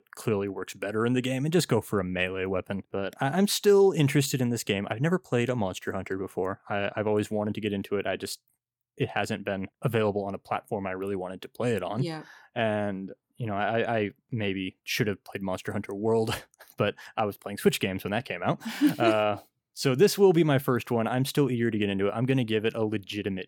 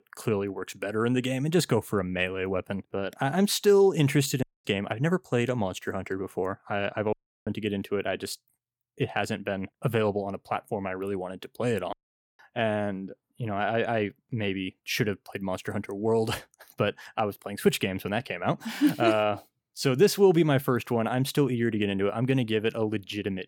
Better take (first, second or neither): first